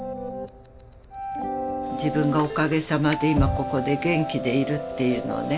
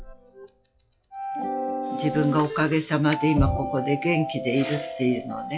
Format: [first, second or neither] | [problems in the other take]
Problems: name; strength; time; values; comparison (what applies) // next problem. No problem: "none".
first | noise reduction (classical method log-MMSE)